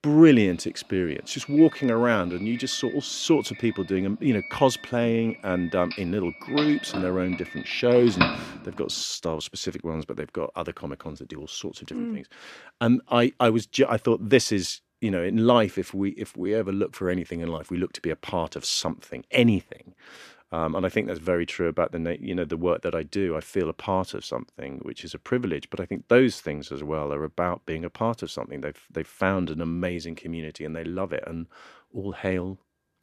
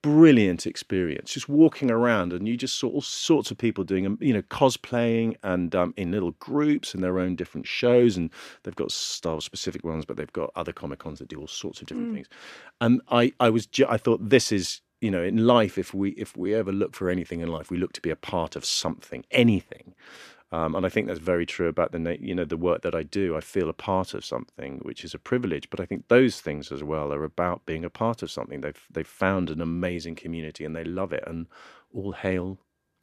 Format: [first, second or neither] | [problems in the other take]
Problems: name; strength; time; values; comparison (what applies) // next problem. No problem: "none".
second | doorbell; loud; from 6 to 8.5 s; peak 1 dB above the speech